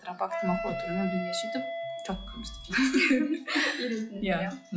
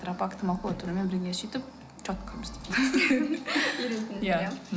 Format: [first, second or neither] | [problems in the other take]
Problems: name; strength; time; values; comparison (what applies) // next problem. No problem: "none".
second | noise reduction (classical method log-MMSE)